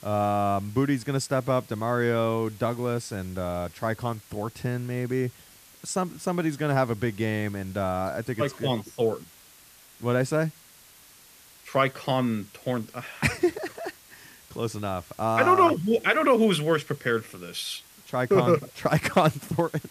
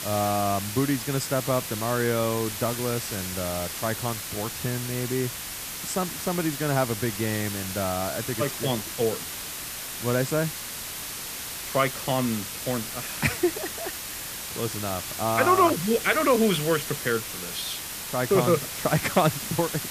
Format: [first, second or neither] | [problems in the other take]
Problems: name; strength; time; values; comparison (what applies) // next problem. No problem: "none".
first | hiss; loud; throughout; 5 dB below the speech; faint in the first